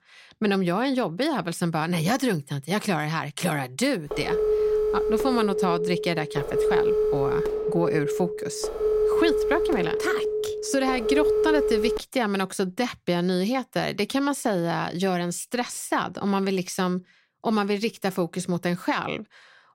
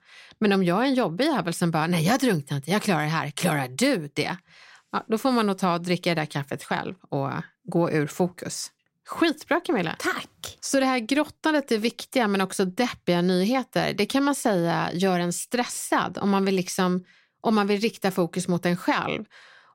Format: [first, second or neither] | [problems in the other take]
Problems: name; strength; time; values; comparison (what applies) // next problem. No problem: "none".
second | phone ringing; loud; from 4 to 12 s; peak 5 dB above the speech